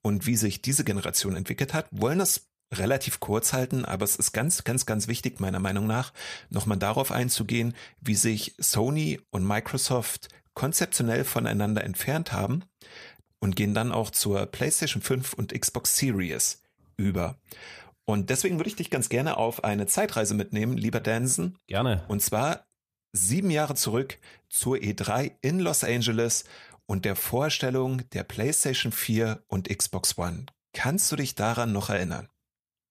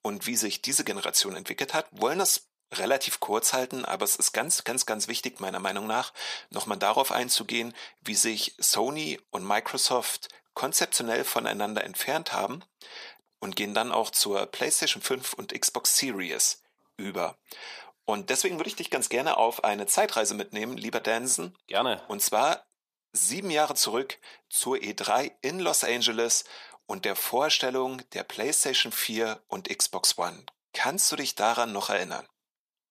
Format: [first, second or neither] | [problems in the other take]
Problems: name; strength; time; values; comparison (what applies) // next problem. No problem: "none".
first | thin; somewhat; fading below 300 Hz